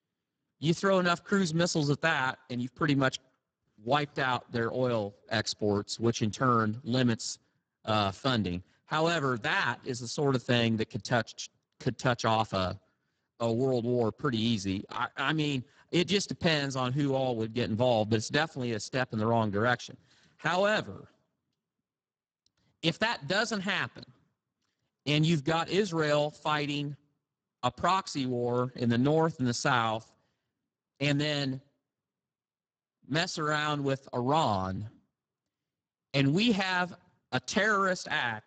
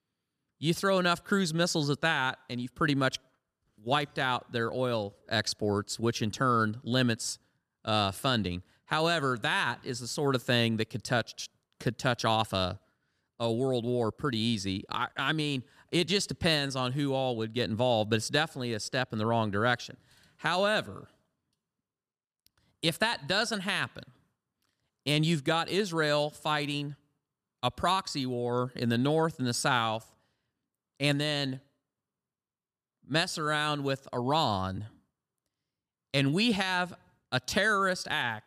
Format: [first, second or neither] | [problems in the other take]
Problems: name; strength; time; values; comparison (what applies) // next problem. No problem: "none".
second | garbled, watery; badly; nothing above 8 kHz